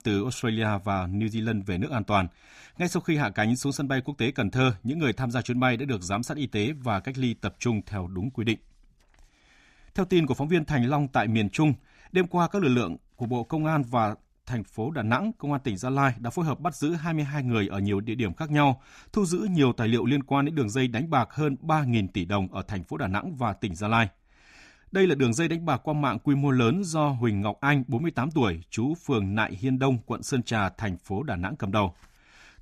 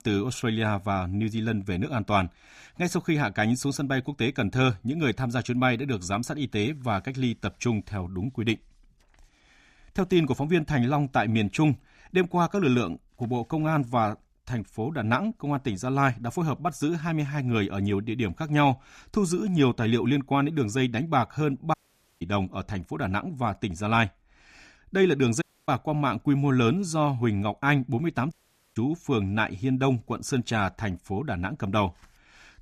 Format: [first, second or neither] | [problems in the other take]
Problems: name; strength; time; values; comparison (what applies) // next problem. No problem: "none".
first | audio cutting out; at 22 s, at 25 s and at 28 s